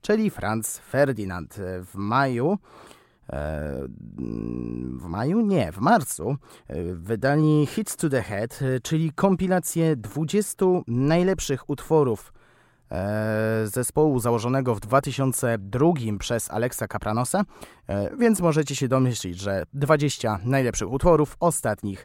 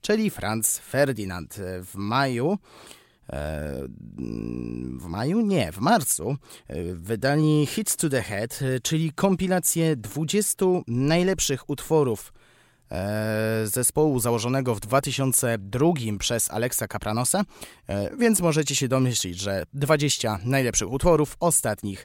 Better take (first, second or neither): second